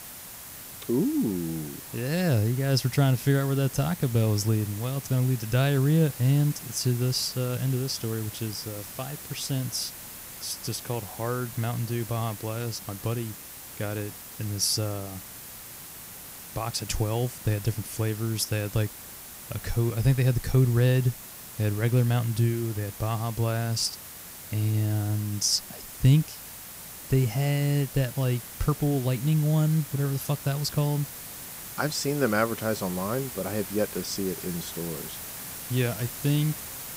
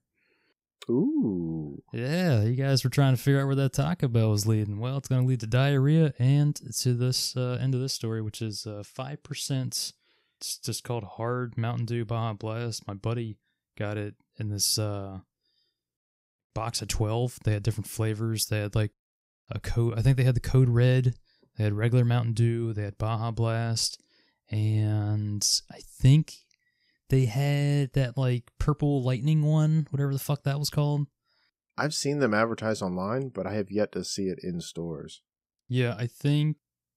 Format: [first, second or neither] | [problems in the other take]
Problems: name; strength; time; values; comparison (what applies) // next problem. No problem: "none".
second | hiss; noticeable; throughout; 10 dB below the speech